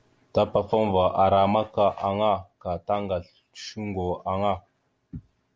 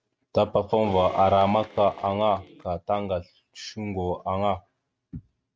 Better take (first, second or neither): first